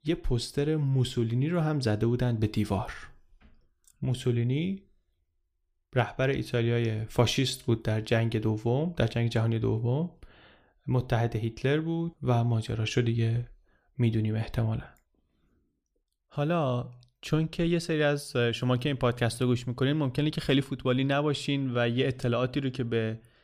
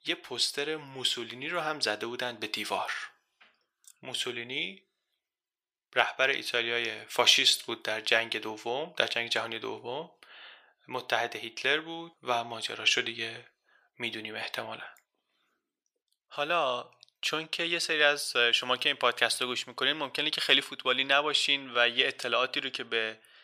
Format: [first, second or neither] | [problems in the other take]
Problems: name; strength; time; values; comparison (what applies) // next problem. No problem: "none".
first | thin; very; fading below 750 Hz